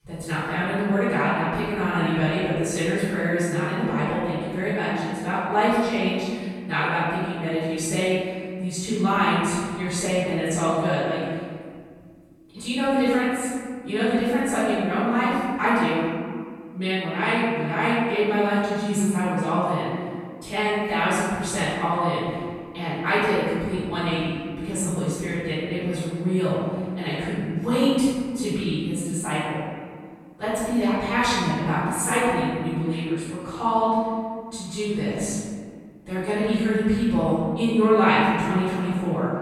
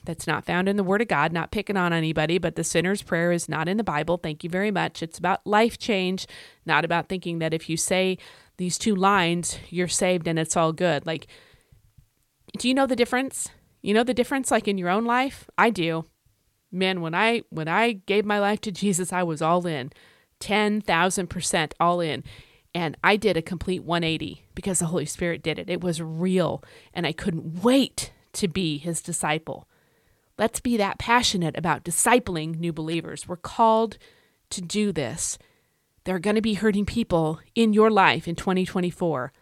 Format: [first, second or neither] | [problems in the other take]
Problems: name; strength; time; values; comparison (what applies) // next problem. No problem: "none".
second | off-mic speech; far // room echo; strong; dies away in 1.9 s